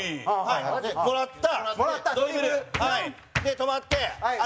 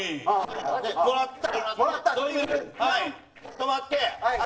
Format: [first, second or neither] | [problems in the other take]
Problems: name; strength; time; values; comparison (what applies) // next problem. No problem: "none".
first | noise reduction (neural separator model SepFormer DNS4)